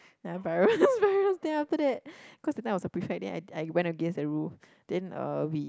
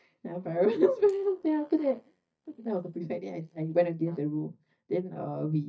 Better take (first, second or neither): first